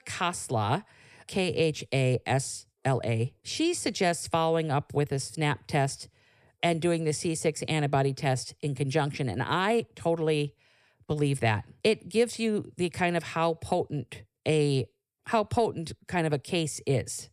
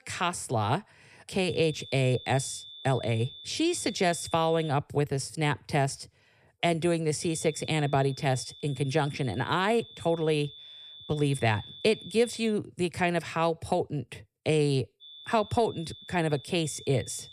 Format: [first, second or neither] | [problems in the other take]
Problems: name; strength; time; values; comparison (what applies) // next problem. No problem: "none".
first | high-pitched whine; noticeable; from 1.5 to 4.5 s, from 7 to 13 s and from 15 s on; 3.5 kHz, 15 dB below the speech